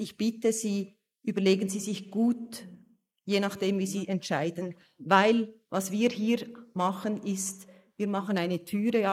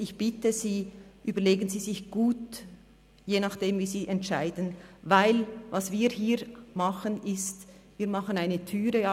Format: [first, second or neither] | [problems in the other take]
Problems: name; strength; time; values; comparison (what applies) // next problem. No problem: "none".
second | noise reduction (neural mask model Resemble Enhance denoiser)